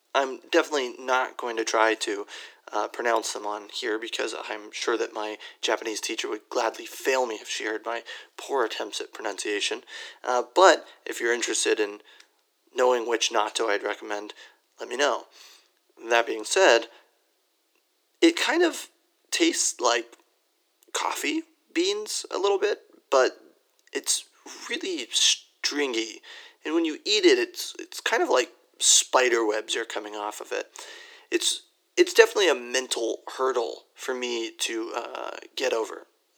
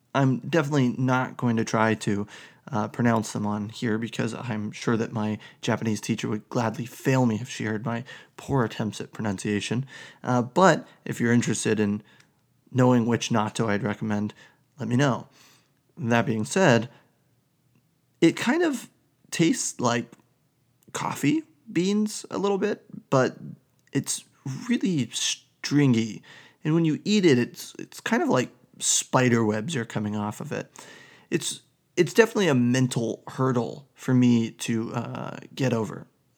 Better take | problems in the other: second | thin; very; fading below 350 Hz

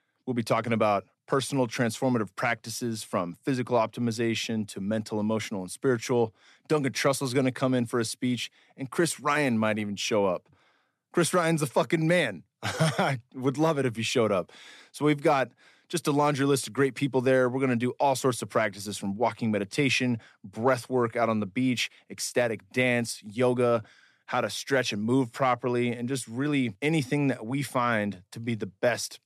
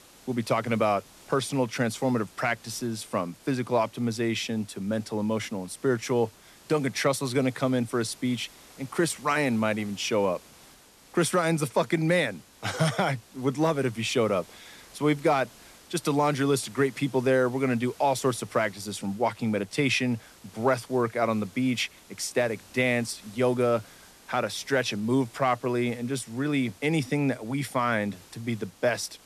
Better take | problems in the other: first | hiss; faint; throughout; 25 dB below the speech

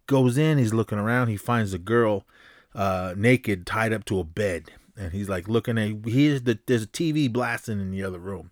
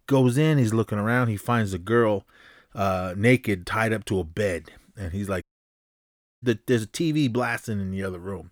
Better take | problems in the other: first | audio cutting out; at 5.5 s for 1 s

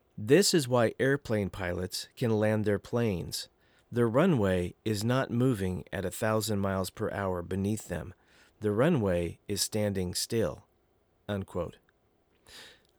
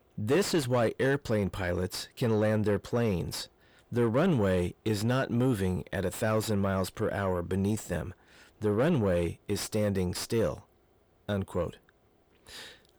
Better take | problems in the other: first | distortion; slight; 10 dB below the speech

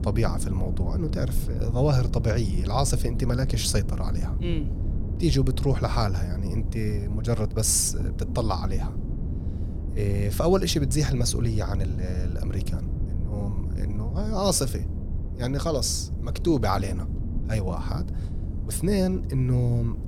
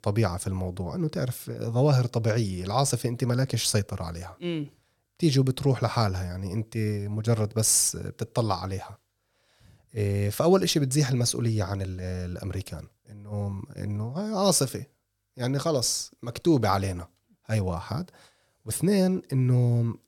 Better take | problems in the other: second | low rumble; noticeable; throughout; 15 dB below the speech

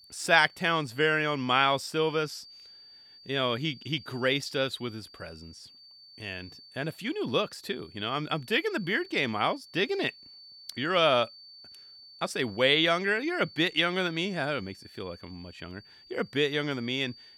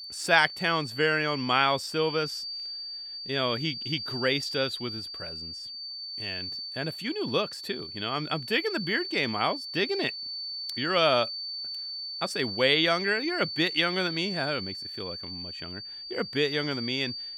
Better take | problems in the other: first | high-pitched whine; loud; throughout; 4.5 kHz, 7 dB below the speech; faint in the first

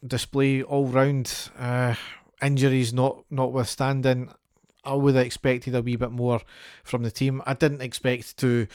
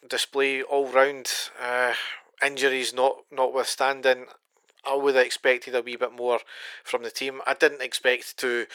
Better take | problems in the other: first | thin; very; fading below 400 Hz

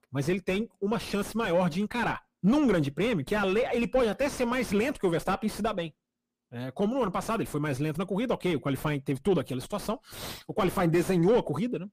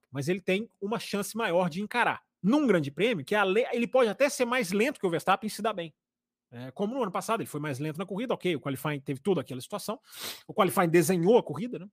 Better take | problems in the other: second | distortion; heavy; 5 dB below the speech

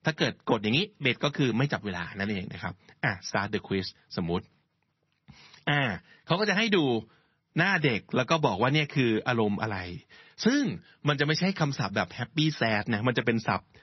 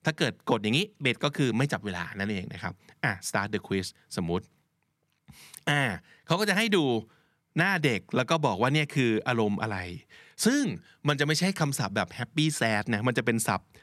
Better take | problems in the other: second | garbled, watery; slightly; nothing above 6 kHz

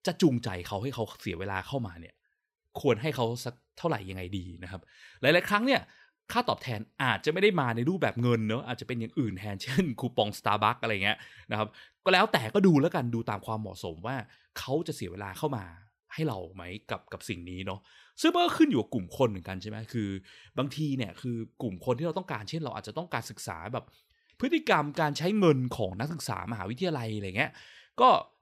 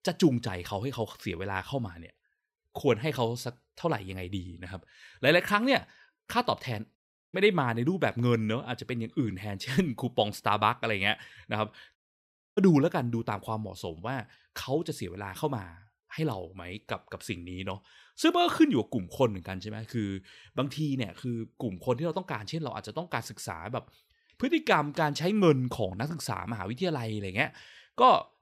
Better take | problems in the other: first | audio cutting out; at 7 s and at 12 s for 0.5 s

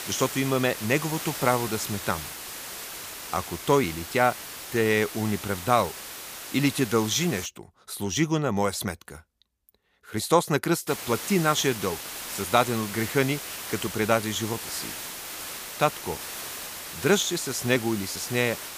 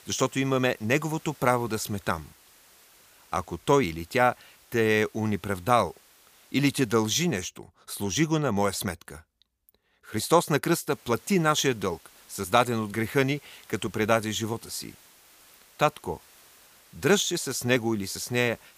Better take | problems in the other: second | hiss; loud; until 7.5 s and from 11 s on; 9 dB below the speech; faint in the second

